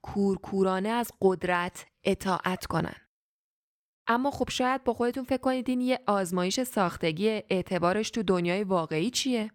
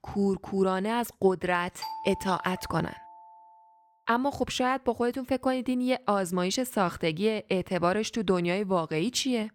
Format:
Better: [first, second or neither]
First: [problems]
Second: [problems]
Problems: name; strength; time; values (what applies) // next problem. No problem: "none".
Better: first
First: none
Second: doorbell; noticeable; from 2 to 3.5 s; peak 9 dB below the speech